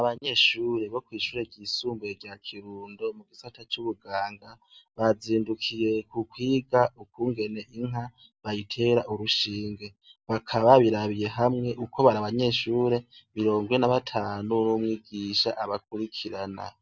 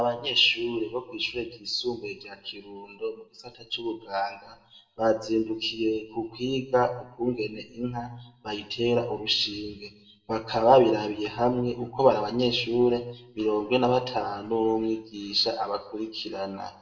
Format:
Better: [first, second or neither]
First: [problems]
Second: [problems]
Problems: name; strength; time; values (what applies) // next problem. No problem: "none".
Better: first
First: none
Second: room echo; dies away in 0.6 s